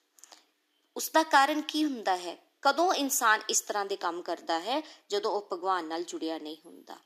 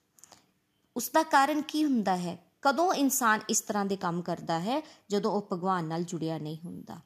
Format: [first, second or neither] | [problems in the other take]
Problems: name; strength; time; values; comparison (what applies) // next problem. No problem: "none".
second | thin; somewhat; fading below 300 Hz